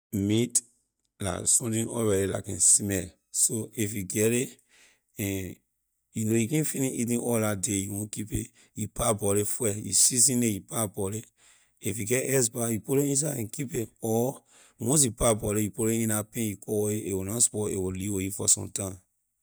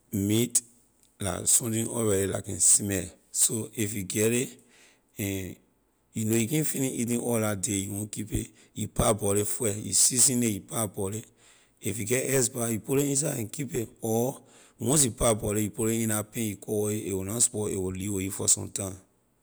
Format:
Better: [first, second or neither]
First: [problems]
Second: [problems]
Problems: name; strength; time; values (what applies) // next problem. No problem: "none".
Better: second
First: noise reduction (neural mask model DeepFilterNet 3)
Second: none